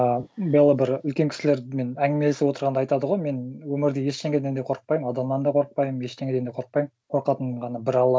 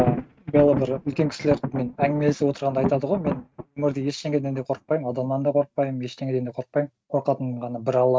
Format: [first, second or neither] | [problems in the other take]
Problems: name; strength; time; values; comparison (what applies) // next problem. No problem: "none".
first | noise reduction (neural mask model RNNoise)